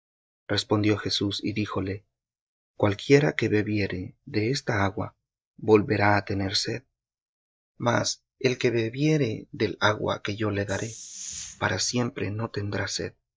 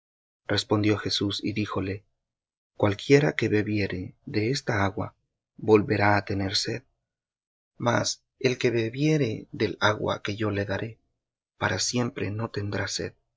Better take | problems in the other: second | noise reduction (neural mask model DeepFilterNet 3)

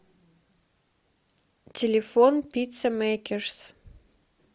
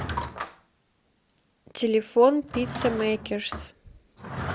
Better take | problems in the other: first | background sound (Drawer open or close / Wood); 9 dB below the speech

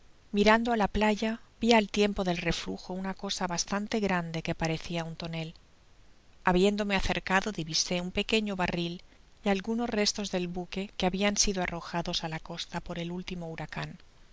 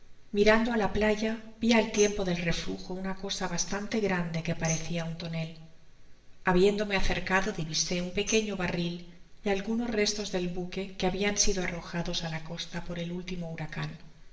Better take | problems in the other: first | background sound (Tambourine); 15 dB below the speech // room echo; dies away in 0.7 s

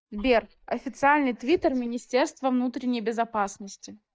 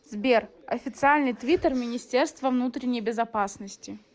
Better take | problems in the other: second | noise reduction (neural mask model DeepFilterNet 3)

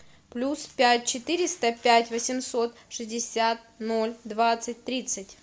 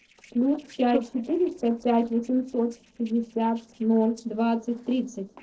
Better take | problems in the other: first | noise reduction (neural separator model SepFormer DNS4)

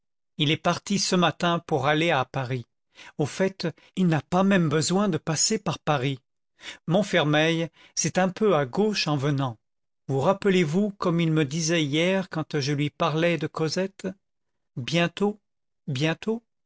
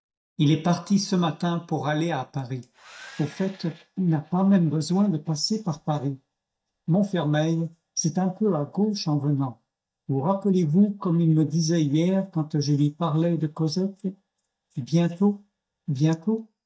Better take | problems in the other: first | noise reduction (neural mask model DeepFilterNet 3)

